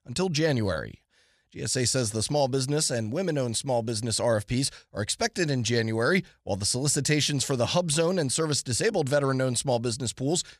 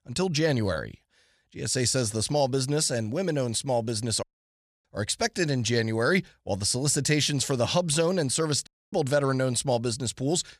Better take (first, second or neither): first